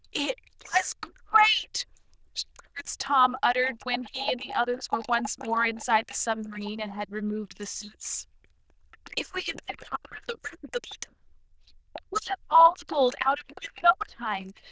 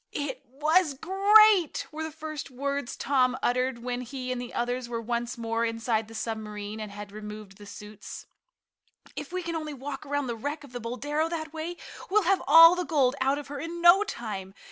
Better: second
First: noise reduction (neural diffusion model UNIVERSE++)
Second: none

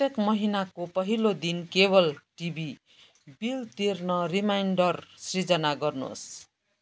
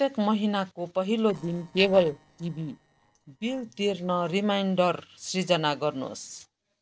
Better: first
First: none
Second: noise reduction (neural separator model SepFormer DNS4)

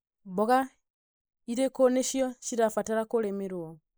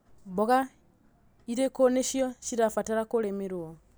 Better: second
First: noise reduction (neural mask model Resemble Enhance denoiser)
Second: none

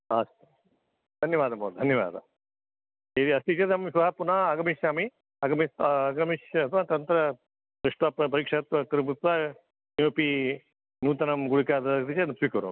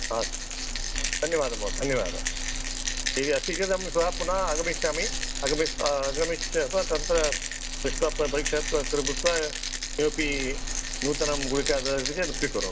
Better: first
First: none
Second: background sound (Rattle); 2 dB below the speech // room echo; dies away in 0.3 s

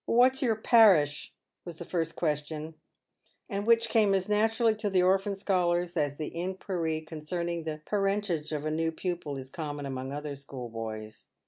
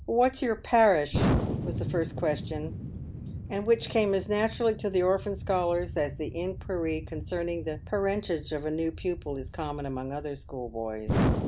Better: first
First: none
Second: background sound (Explosion); 5 dB below the speech

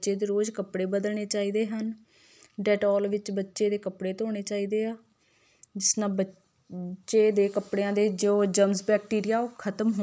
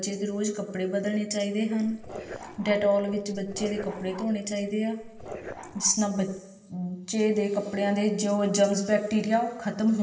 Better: first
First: none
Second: background sound (Dog); 15 dB below the speech // room echo; dies away in 1.6 s

